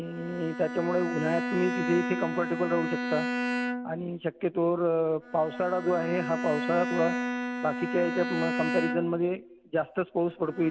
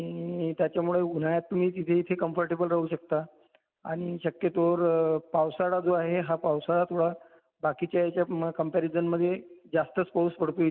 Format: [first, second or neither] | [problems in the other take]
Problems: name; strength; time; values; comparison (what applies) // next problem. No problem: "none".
second | background sound (Bowed string instrument); 4 dB below the speech